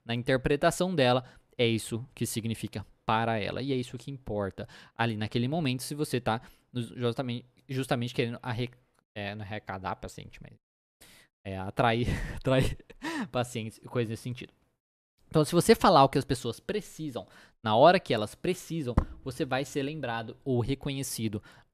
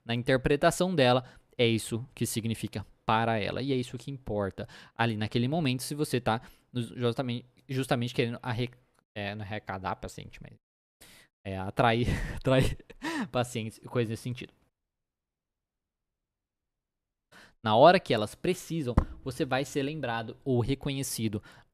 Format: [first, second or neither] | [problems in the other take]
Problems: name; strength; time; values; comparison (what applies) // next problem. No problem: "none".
first | audio cutting out; at 15 s for 2.5 s